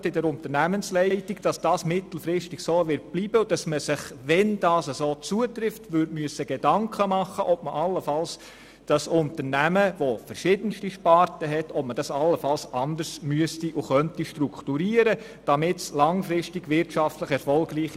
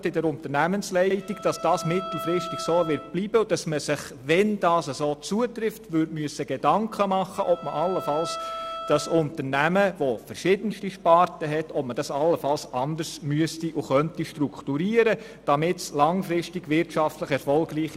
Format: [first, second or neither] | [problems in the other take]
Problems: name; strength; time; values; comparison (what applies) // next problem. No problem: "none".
first | background sound (Bowed string instrument); 12 dB below the speech